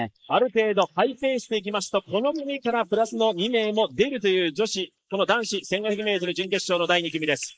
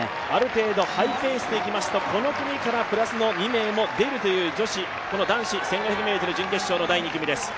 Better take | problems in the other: second | noise reduction (neural mask model Resemble Enhance denoiser)

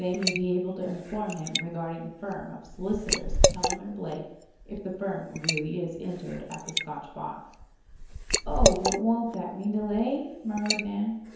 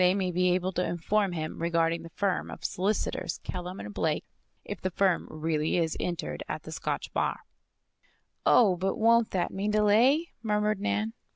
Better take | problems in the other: second | background sound (Liquid); as loud as the speech // room echo; dies away in 0.9 s

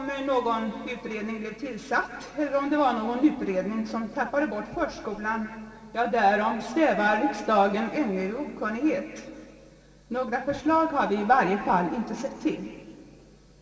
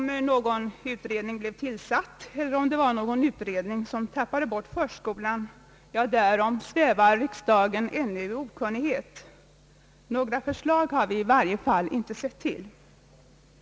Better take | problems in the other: second | room echo; dies away in 2.4 s

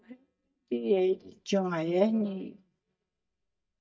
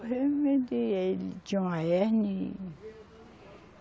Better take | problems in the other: second | noise reduction (neural mask model DeepFilterNet 3)

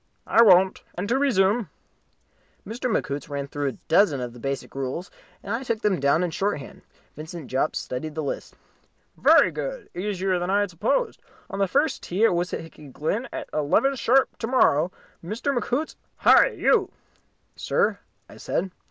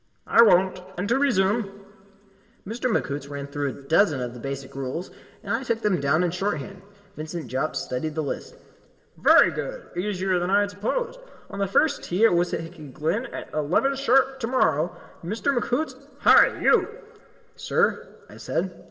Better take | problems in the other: first | room echo; dies away in 1.5 s

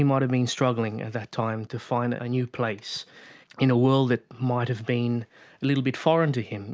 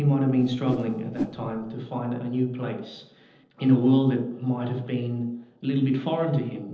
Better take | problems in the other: first | noise reduction (neural separator model SepFormer DNS4)

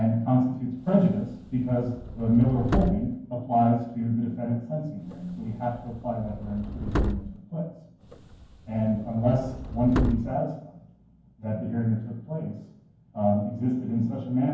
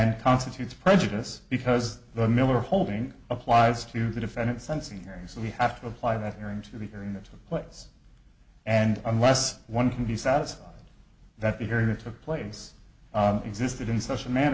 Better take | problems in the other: second | background sound (Subway, metro, underground); 6 dB below the speech // room echo; dies away in 0.9 s

